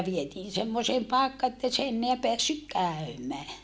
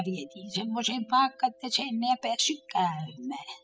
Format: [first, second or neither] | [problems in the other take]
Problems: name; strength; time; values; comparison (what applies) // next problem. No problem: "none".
first | noise reduction (classical method spectral subtraction)